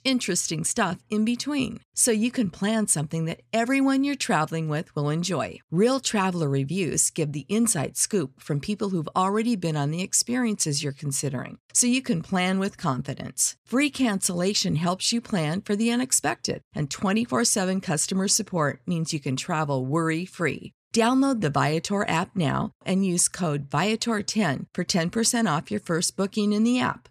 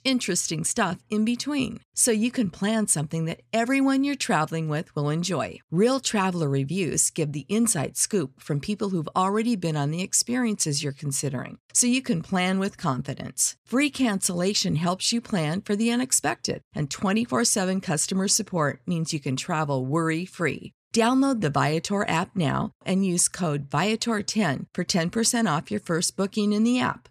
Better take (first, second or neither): neither